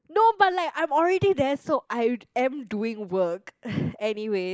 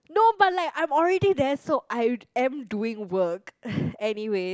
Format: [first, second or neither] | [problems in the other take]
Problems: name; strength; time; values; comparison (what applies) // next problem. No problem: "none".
second | noise reduction (neural mask model Resemble Enhance denoiser)